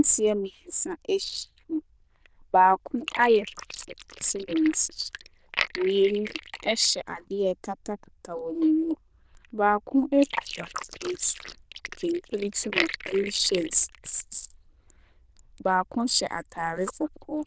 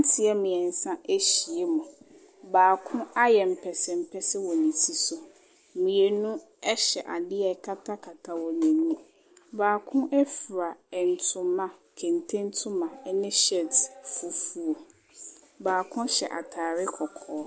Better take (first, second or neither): second